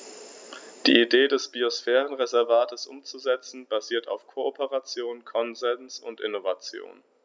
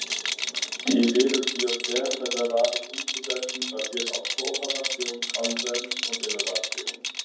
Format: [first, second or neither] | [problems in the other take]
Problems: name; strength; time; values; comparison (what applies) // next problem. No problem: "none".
first | background sound (Rattle); 1 dB below the speech // room echo; dies away in 0.9 s